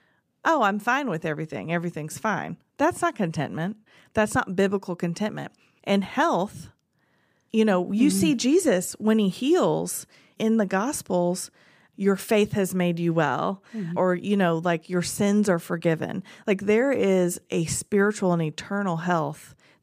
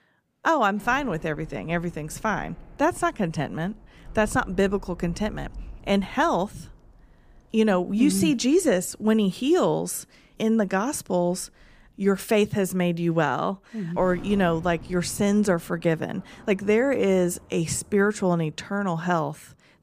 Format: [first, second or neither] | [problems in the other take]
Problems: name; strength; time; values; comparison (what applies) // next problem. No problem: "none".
first | rain or running water; faint; throughout; 20 dB below the speech